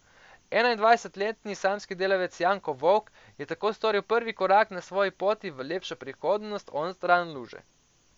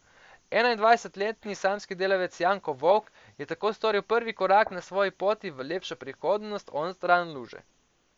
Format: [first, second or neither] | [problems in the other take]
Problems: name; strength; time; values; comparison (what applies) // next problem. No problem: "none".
first | noise reduction (neural mask model Resemble Enhance denoiser)